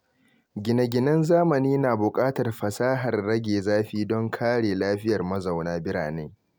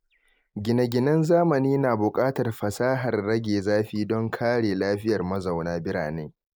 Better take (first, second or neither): first